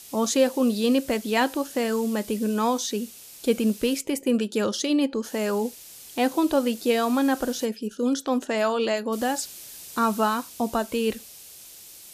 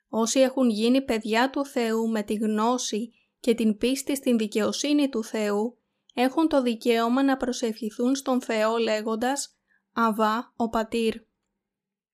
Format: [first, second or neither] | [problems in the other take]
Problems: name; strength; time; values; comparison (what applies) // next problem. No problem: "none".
second | hiss; noticeable; until 4 s, from 5 to 7.5 s and from 9 s on; 15 dB below the speech